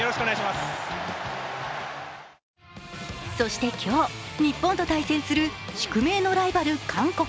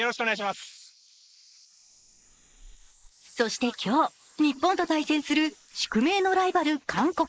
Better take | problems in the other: first | noise reduction (neural mask model Resemble Enhance denoiser)

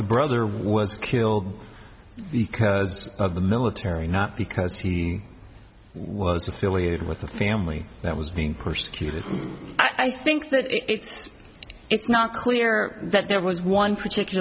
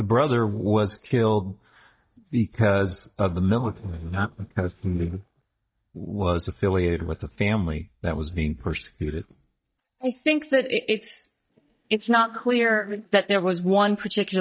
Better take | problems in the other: first | noise reduction (neural mask model DeepFilterNet 3)

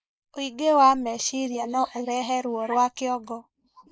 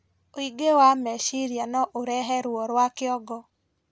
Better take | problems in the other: second | noise reduction (neural mask model Resemble Enhance denoiser)

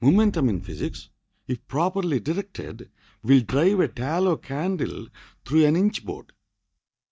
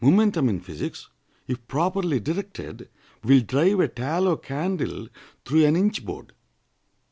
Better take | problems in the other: second | noise reduction (neural mask model DeepFilterNet 3)

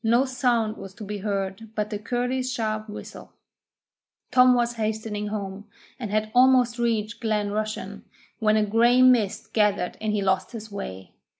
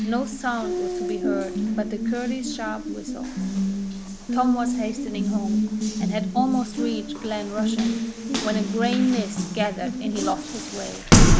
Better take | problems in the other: first | background sound (Water tap, faucet); 4 dB above the speech

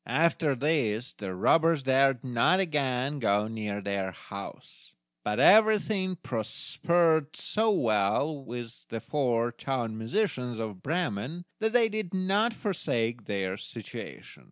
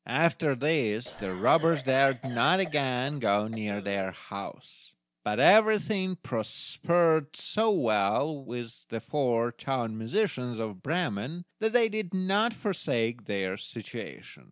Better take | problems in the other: first | background sound (Cough); 16 dB below the speech

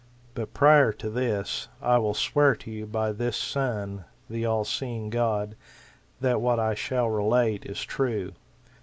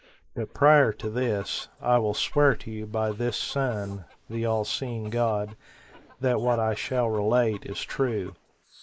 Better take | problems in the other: first | noise reduction (neural mask model Resemble Enhance denoiser)

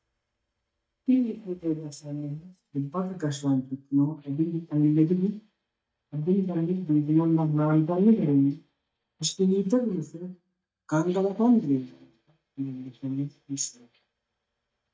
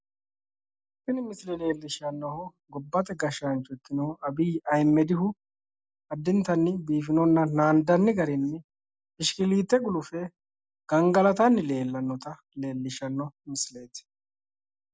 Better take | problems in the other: second | noise reduction (neural mask model DeepFilterNet 3)

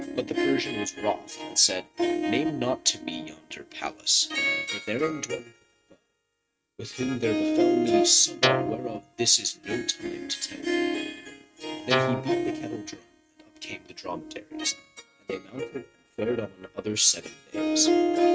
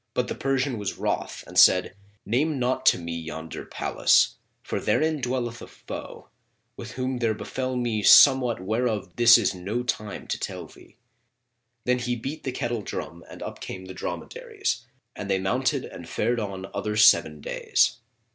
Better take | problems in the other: second | noise reduction (neural mask model RNNoise)

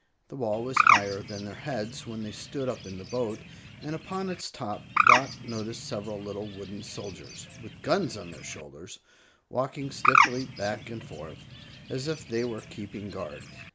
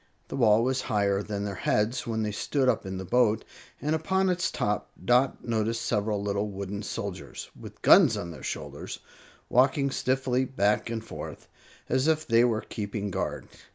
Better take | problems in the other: second | background sound (Bird); 4 dB above the speech

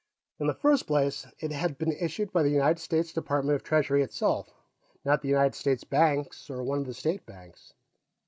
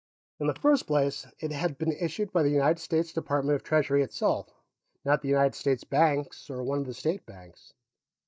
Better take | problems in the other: first | noise reduction (neural mask model DeepFilterNet 3)

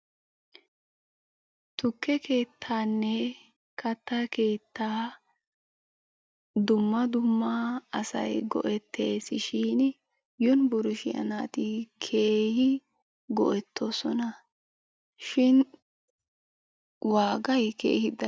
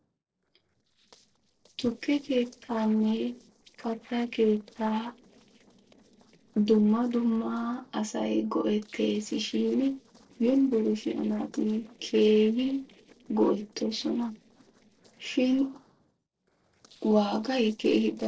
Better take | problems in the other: first | noise reduction (neural separator model SepFormer DNS4)

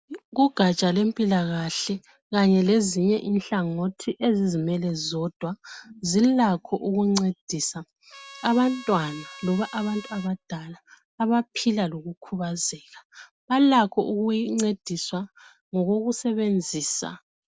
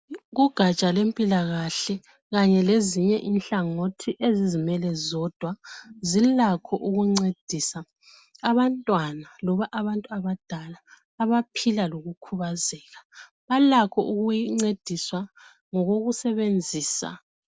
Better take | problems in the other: second | background sound (Trumpet); 19 dB below the speech

